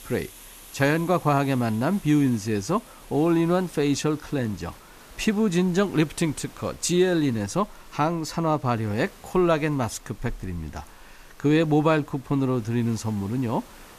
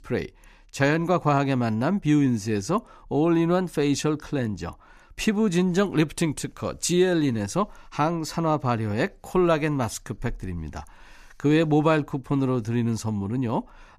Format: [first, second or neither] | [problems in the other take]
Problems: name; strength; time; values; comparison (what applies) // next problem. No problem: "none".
second | hiss; faint; throughout; 25 dB below the speech